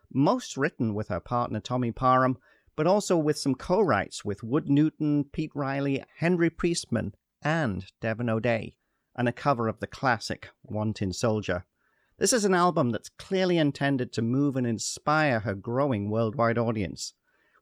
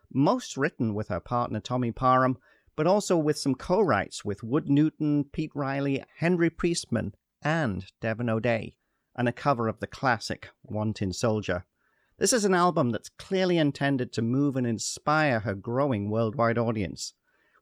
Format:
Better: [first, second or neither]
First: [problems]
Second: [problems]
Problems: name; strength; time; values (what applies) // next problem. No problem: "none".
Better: neither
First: none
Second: none